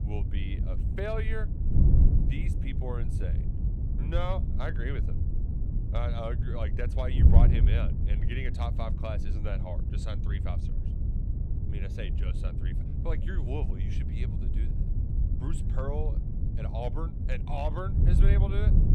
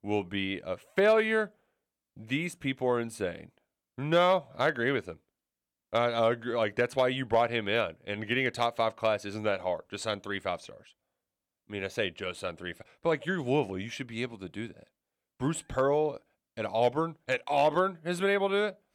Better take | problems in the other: second | wind noise on the microphone; heavy; 4 dB below the speech

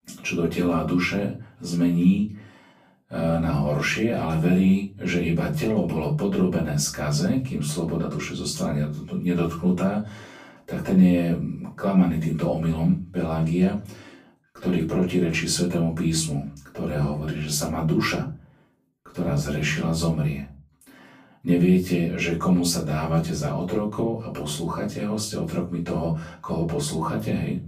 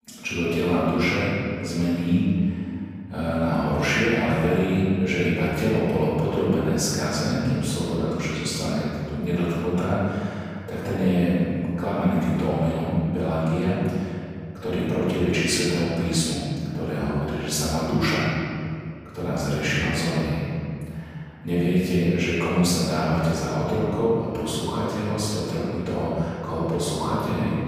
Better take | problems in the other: first | room echo; strong; dies away in 2.3 s; slight in the first // off-mic speech; far; far in the first

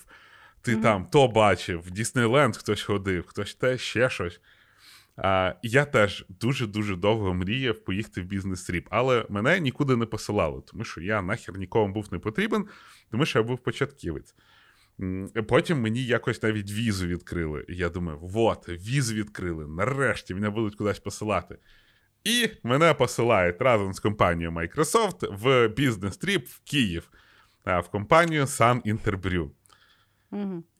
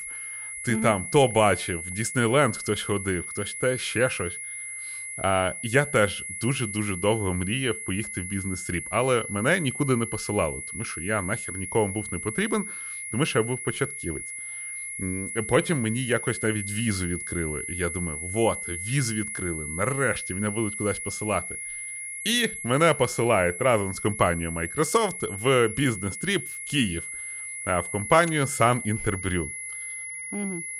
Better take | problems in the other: first | high-pitched whine; loud; throughout; 2 kHz, 7 dB below the speech

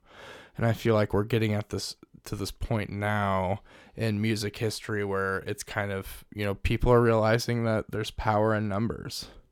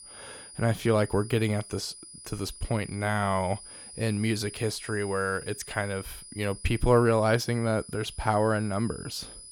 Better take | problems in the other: first | high-pitched whine; noticeable; throughout; 9.5 kHz, 15 dB below the speech

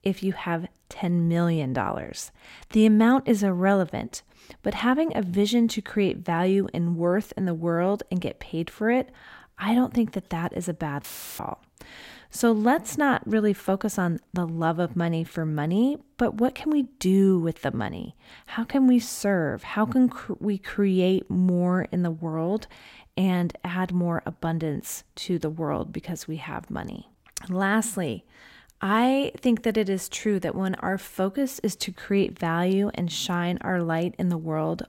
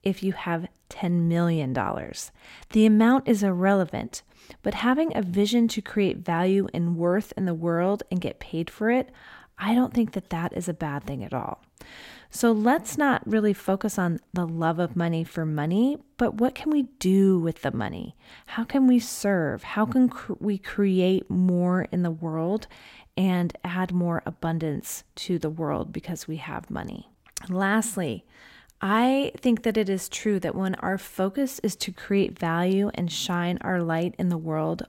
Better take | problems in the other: second | audio cutting out; filled with static; at 11 s

